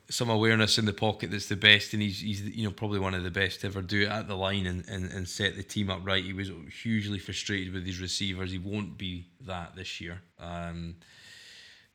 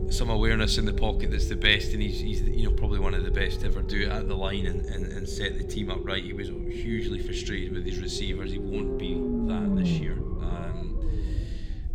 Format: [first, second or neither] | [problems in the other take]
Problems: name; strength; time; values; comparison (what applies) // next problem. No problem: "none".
first | low rumble; loud; throughout; 7 dB below the speech